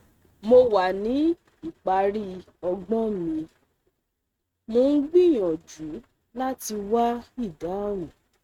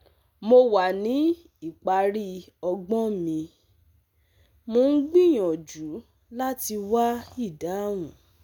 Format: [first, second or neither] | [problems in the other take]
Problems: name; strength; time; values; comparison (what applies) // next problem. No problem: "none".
second | noise reduction (neural mask model RNNoise)